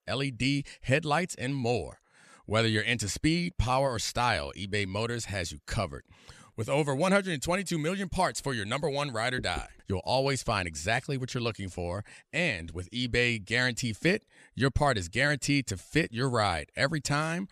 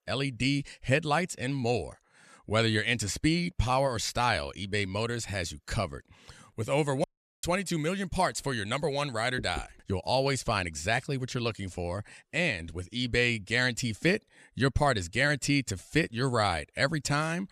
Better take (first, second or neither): first